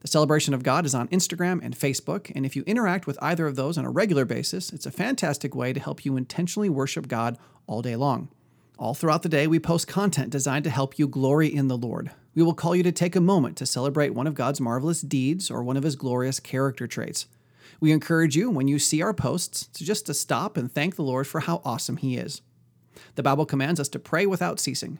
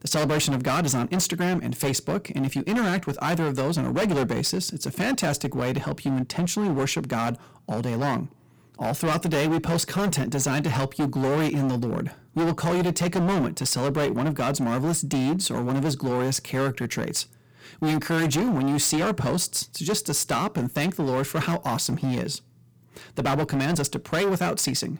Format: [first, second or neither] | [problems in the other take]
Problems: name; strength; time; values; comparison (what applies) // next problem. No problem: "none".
first | distortion; heavy; 21% of the sound clipped